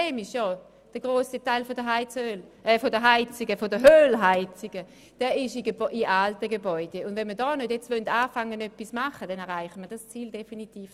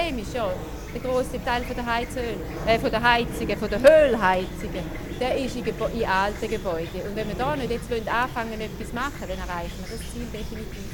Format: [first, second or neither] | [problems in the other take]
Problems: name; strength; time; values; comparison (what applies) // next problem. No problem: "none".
first | background sound (Chirp, tweet / Fowl); 8 dB below the speech